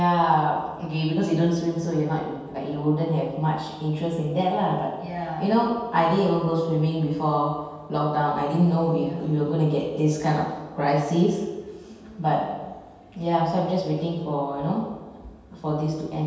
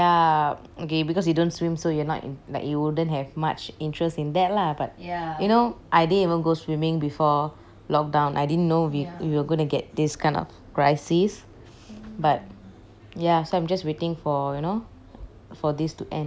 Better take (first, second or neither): second